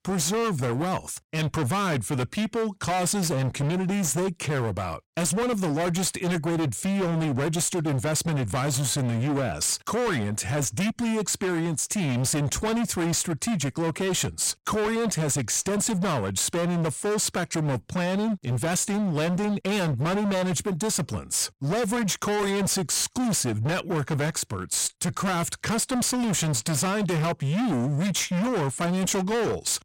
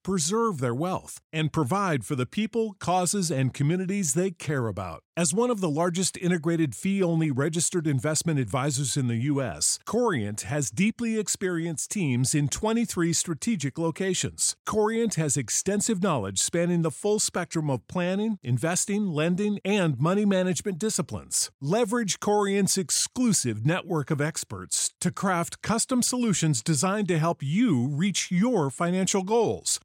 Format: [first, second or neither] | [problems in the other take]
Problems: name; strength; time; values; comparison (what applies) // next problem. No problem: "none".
second | distortion; heavy; 38% of the sound clipped